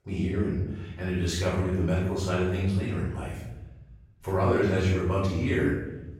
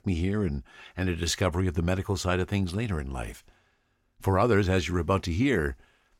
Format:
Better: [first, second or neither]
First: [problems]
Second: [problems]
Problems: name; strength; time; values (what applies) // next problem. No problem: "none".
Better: second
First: room echo; noticeable; dies away in 1.1 s // off-mic speech; far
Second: none